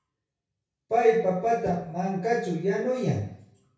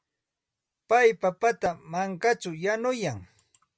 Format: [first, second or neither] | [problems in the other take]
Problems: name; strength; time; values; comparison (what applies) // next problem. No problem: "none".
second | room echo; dies away in 0.6 s